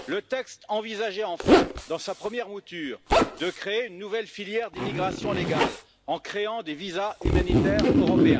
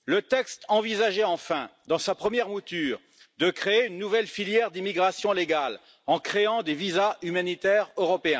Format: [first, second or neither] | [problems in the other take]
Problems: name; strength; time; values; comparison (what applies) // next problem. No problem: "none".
second | background sound (Zipper (clothing)); 4 dB above the speech